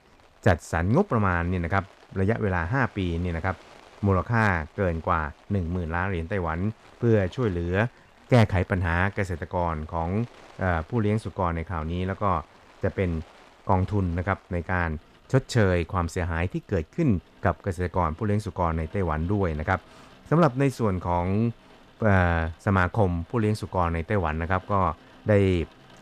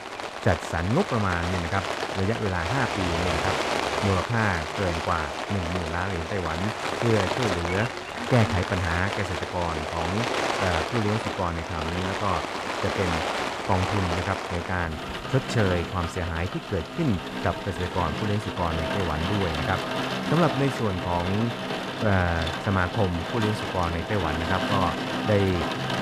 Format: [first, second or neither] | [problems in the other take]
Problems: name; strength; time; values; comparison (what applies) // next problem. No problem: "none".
first | rain or running water; loud; throughout; 2 dB below the speech; faint in the first